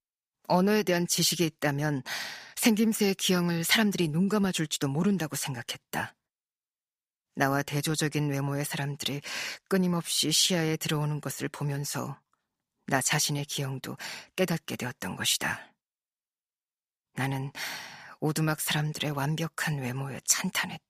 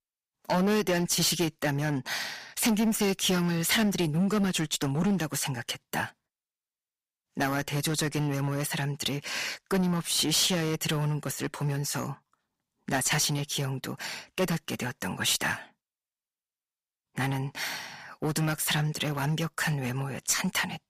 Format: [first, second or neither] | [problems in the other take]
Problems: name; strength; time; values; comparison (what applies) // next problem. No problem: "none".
first | distortion; slight; 7% of the sound clipped